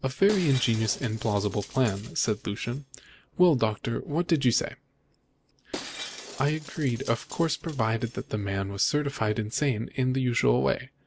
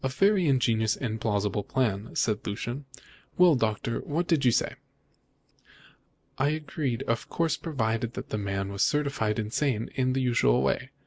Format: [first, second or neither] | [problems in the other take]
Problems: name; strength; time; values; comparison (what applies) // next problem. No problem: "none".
second | background sound (Shatter); 16 dB below the speech